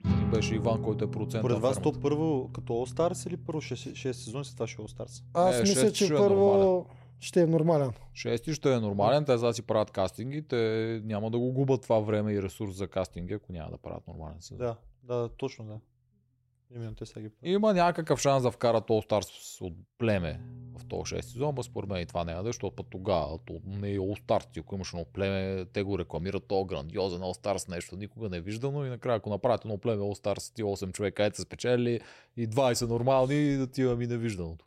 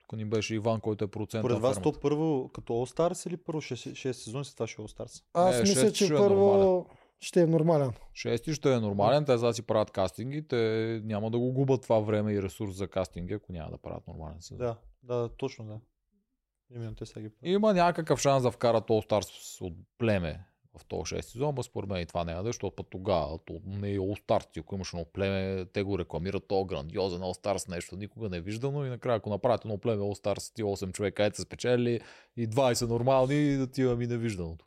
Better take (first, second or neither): second